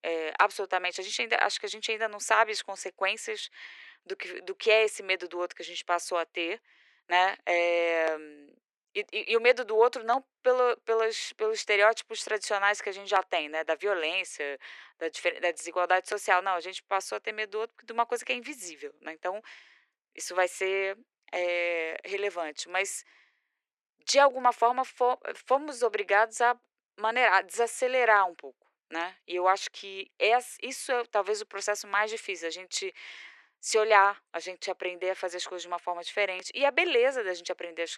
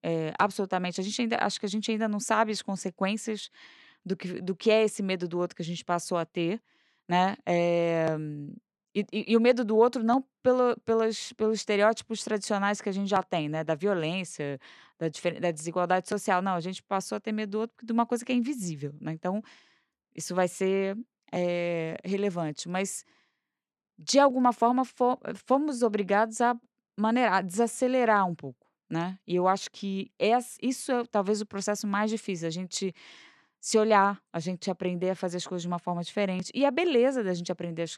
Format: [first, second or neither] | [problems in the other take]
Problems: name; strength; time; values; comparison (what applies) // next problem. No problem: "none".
second | thin; very; fading below 400 Hz